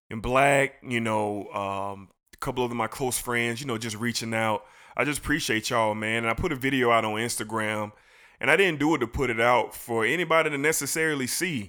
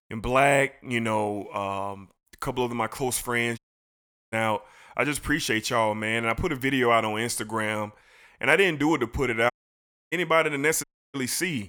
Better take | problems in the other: first | audio cutting out; at 3.5 s for 0.5 s, at 9.5 s for 0.5 s and at 11 s

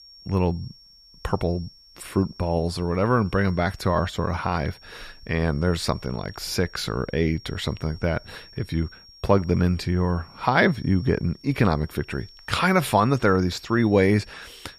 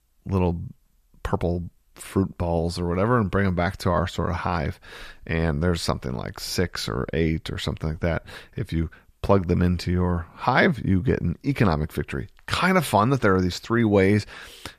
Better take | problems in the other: second | high-pitched whine; faint; throughout; 5.5 kHz, 25 dB below the speech

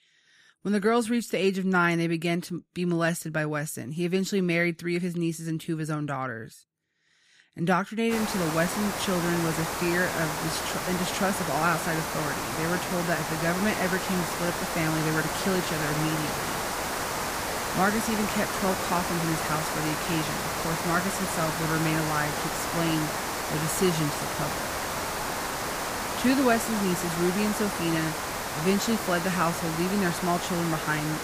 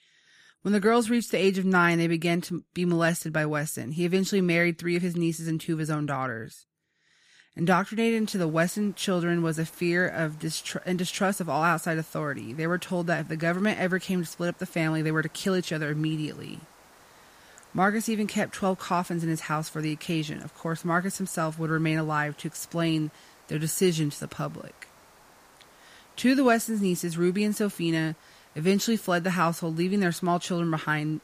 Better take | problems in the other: second | hiss; loud; from 8 s on; 2 dB below the speech; faint in the second

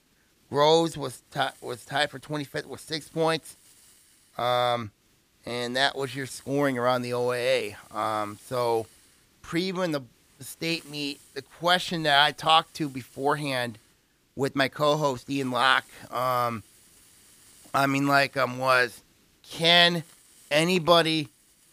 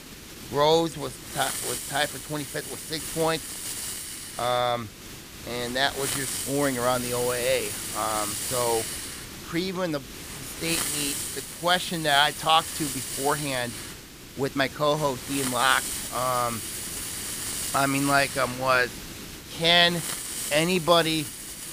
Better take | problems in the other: first | hiss; loud; throughout; 6 dB below the speech; faint in the first

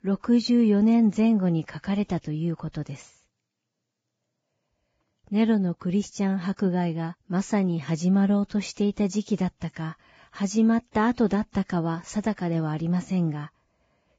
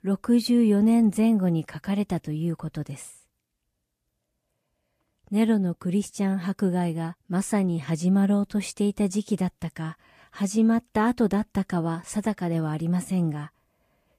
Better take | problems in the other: second | garbled, watery; badly; nothing above 7.5 kHz; slightly in the second

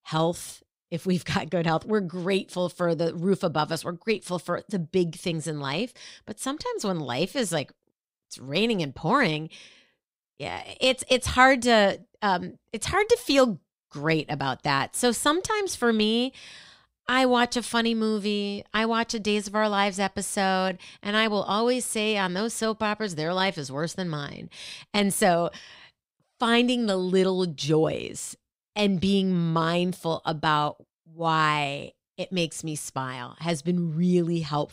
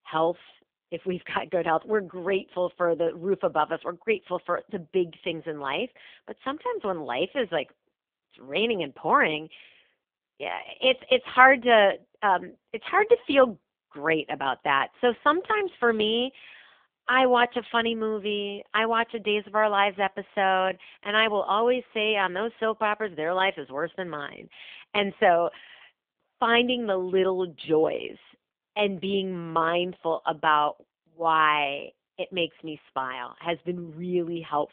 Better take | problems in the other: first | phone-call audio; poor line; nothing above 3.5 kHz

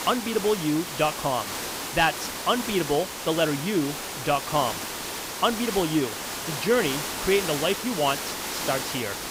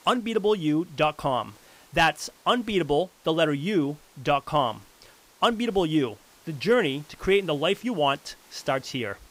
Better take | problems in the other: second | hiss; loud; throughout; 5 dB below the speech; faint in the second

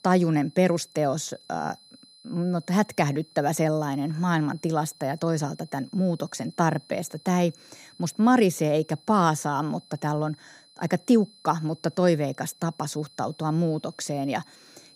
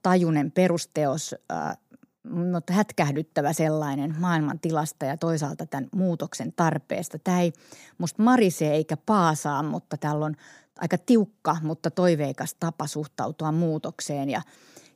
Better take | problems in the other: second | high-pitched whine; faint; throughout; 4 kHz, 25 dB below the speech

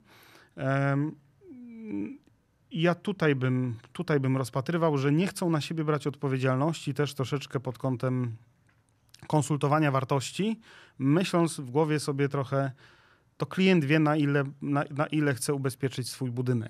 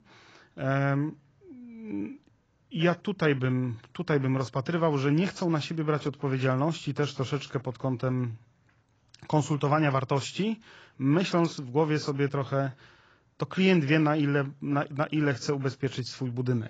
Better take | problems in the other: first | garbled, watery; badly; nothing above 7.5 kHz

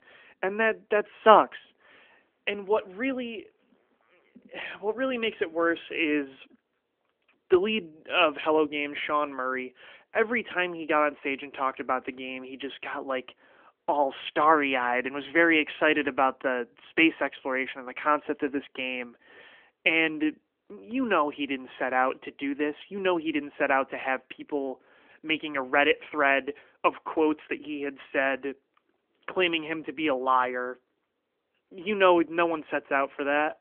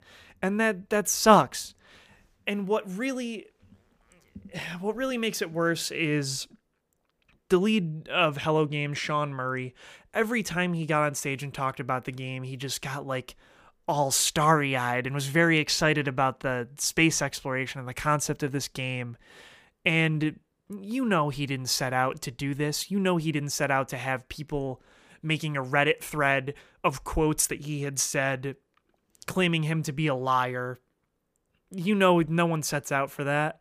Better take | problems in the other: second | phone-call audio; nothing above 3 kHz

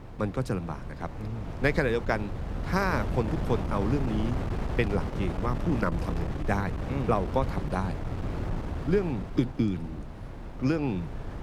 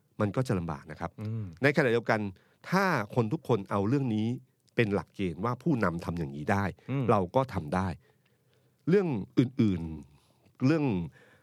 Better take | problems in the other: second | wind noise on the microphone; heavy; 9 dB below the speech

